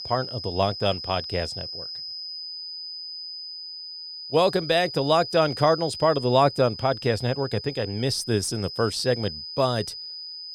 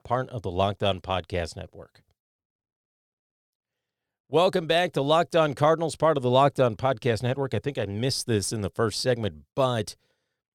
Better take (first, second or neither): second